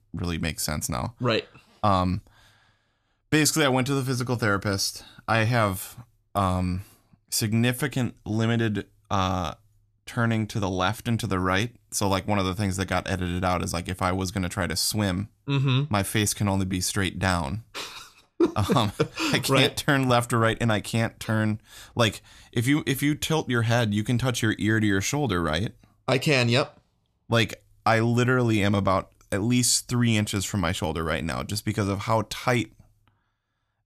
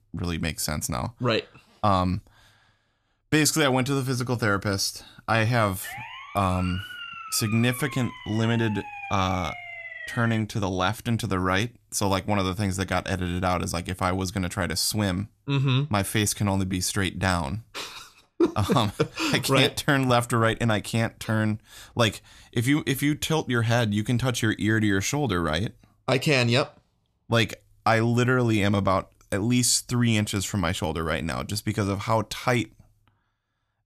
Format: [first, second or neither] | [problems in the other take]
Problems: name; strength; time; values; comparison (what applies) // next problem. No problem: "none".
first | siren; faint; from 6 to 10 s; peak 10 dB below the speech